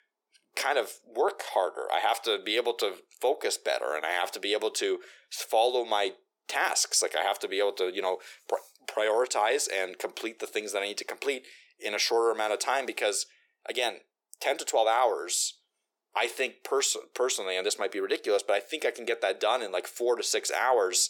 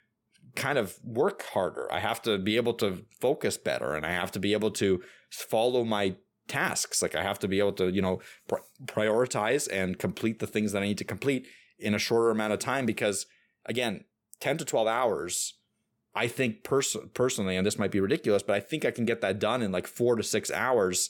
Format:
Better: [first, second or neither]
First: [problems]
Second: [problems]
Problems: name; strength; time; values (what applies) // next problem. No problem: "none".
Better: second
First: thin; very; fading below 350 Hz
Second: none